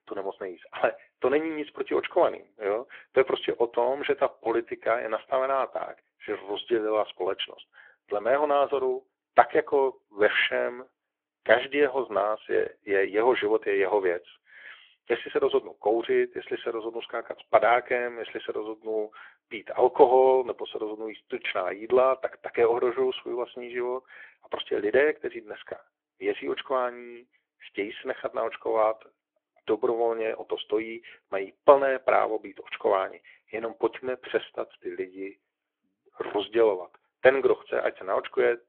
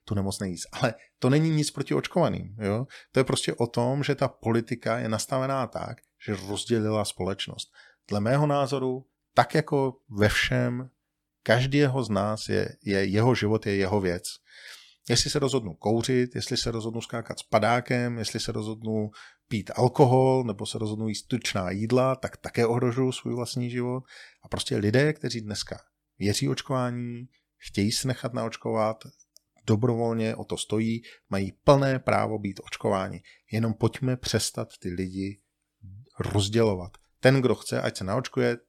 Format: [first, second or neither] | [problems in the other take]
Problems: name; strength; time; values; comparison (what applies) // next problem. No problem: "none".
second | phone-call audio